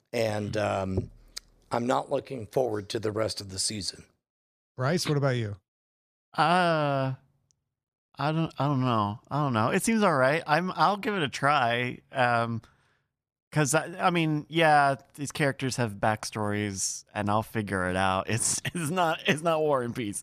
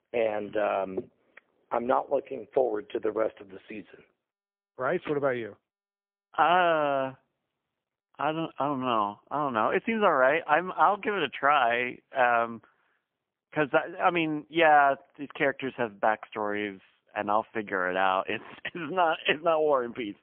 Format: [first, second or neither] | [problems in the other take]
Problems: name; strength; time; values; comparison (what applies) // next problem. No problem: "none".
first | phone-call audio; poor line; nothing above 3 kHz